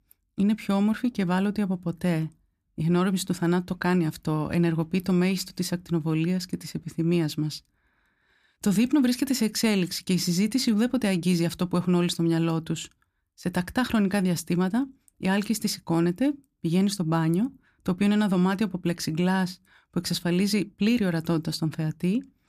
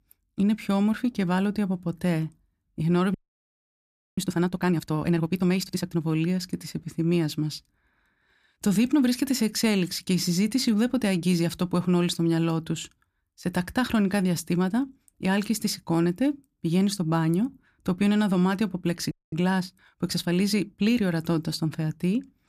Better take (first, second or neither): first